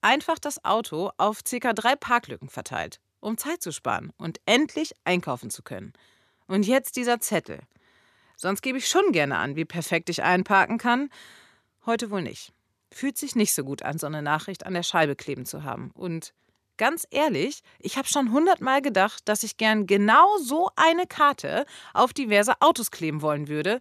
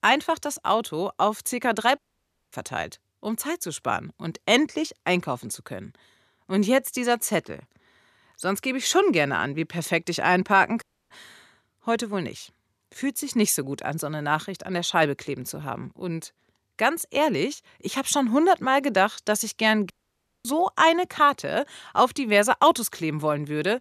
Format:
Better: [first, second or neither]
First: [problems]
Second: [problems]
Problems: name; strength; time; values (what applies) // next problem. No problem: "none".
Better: first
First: none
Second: audio cutting out; at 2 s for 0.5 s, at 11 s and at 20 s for 0.5 s